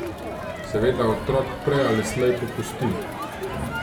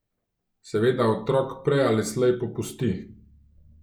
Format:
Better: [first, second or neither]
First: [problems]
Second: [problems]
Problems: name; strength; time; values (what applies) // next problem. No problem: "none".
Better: second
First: background sound (Crowd); 5 dB below the speech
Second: none